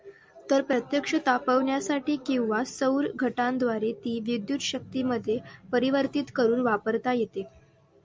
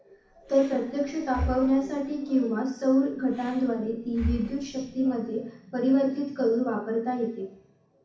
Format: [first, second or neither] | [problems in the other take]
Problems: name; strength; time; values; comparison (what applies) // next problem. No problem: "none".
first | background sound (Breathing); 11 dB below the speech // room echo; dies away in 0.6 s